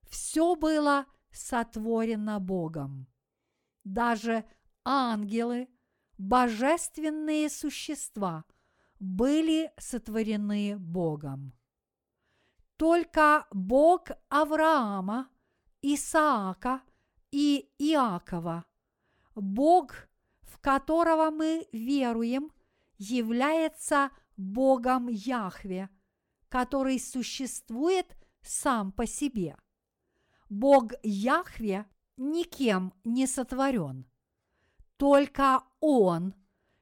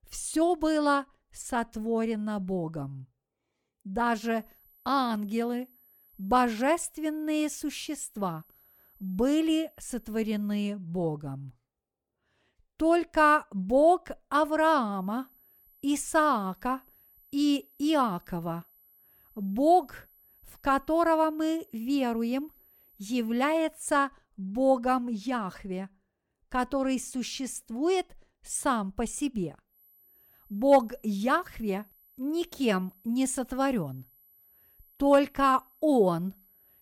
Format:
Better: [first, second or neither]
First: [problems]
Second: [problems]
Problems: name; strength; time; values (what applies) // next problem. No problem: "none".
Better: first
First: none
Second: high-pitched whine; faint; from 4 to 11 s, from 15 to 24 s and from 30 s on; 12 kHz, 30 dB below the speech